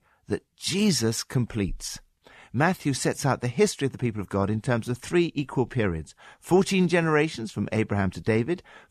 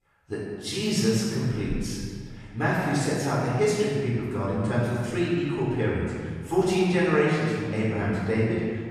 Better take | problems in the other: first | off-mic speech; far // room echo; strong; dies away in 1.7 s

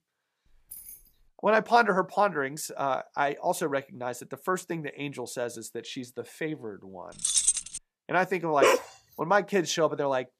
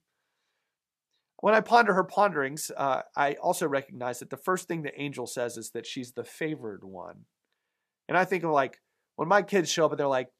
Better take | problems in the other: second | jangling keys; faint; at 0.5 s; peak 15 dB below the speech // jangling keys; loud; at 7 s; peak 6 dB above the speech // dog barking; loud; at 8.5 s; peak 5 dB above the speech

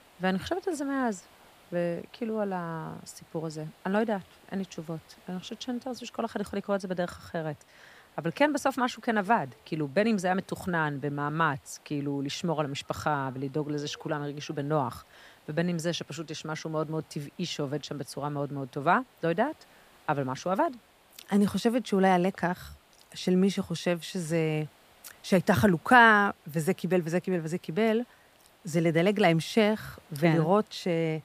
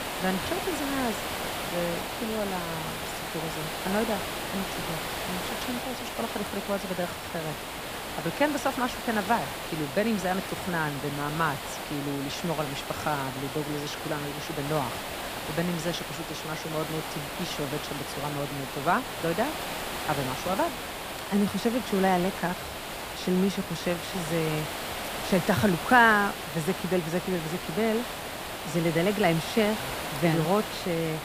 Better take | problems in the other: first | hiss; loud; throughout; 4 dB below the speech; faint in the first

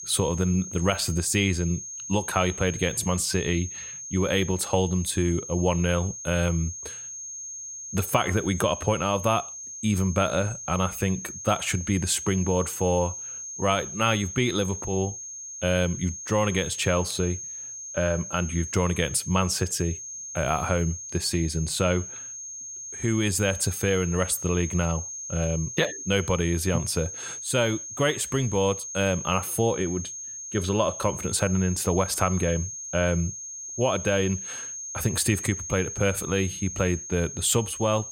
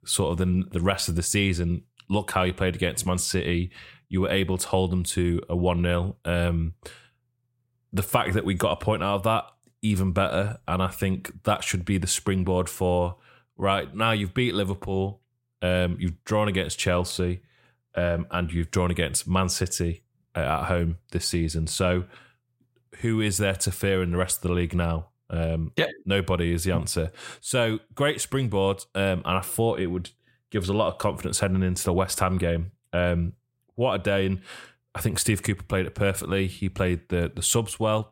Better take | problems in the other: second | high-pitched whine; loud; throughout; 6.5 kHz, 8 dB below the speech

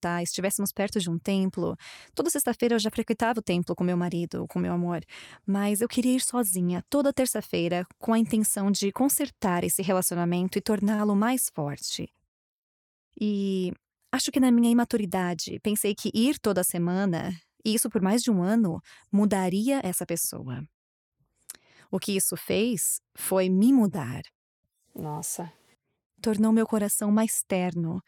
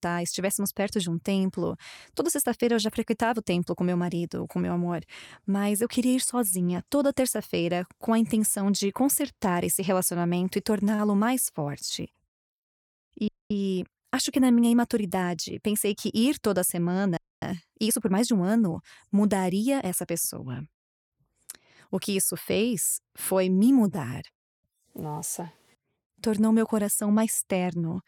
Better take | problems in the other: first | audio freezing; at 13 s and at 17 s

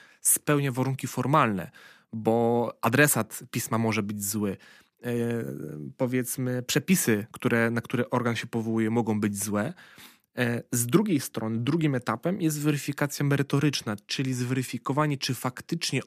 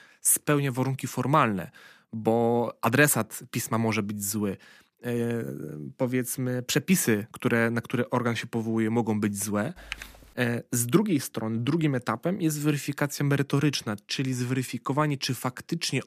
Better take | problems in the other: first | keyboard typing; faint; at 10 s; peak 10 dB below the speech

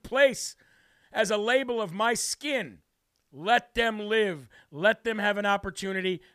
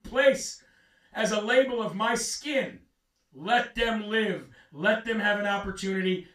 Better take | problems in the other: first | room echo; slight; dies away in 0.3 s // off-mic speech; far

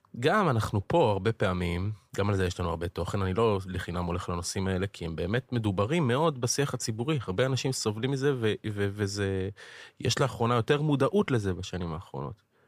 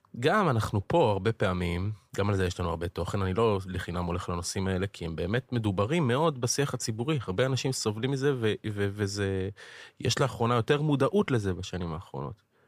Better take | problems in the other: neither | none

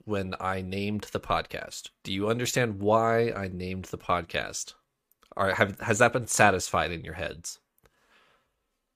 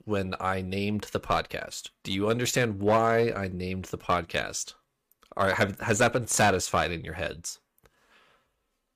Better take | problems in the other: first | distortion; slight; 2% of the sound clipped

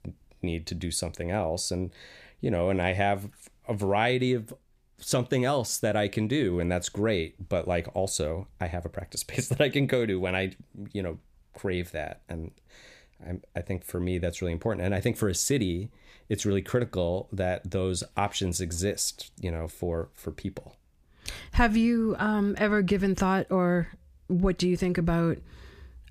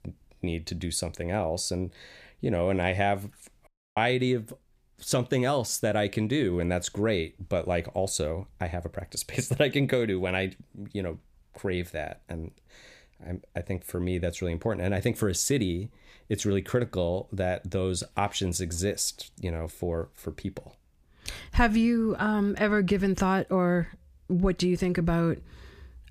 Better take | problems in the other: first | audio cutting out; at 3.5 s

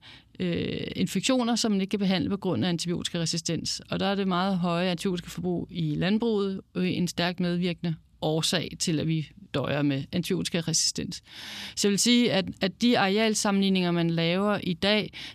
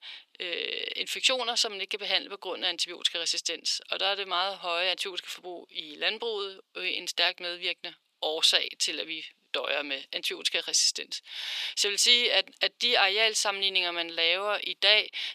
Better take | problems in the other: first | thin; very; fading below 450 Hz

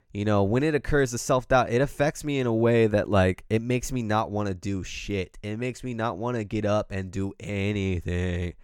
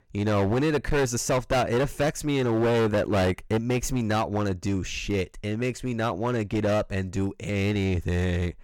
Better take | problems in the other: first | distortion; heavy; 15% of the sound clipped

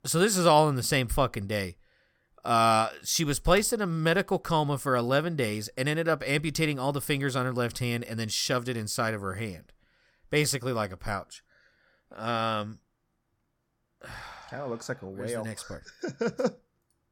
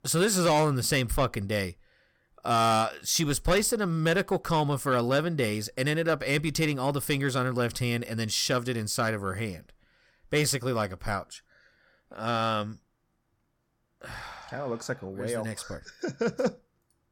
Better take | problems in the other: first | distortion; slight; 10 dB below the speech

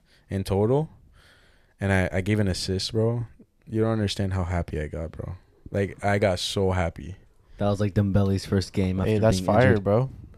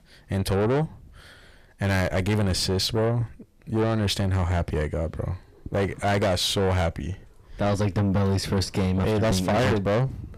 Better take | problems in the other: first | distortion; heavy; 7 dB below the speech

